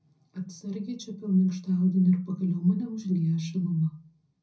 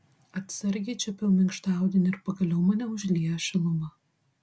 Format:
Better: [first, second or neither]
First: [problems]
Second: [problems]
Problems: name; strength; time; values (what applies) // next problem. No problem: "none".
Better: second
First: room echo; dies away in 0.4 s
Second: none